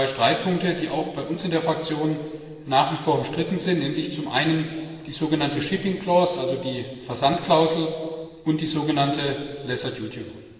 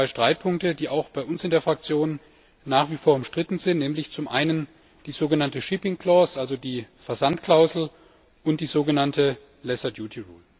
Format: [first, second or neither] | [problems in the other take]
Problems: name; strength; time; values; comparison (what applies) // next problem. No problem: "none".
second | room echo; dies away in 1.6 s